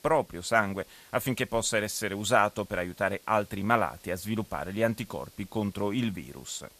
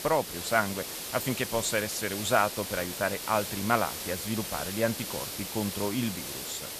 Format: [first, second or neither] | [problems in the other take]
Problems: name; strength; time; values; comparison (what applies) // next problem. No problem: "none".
first | hiss; loud; throughout; 5 dB below the speech; faint in the first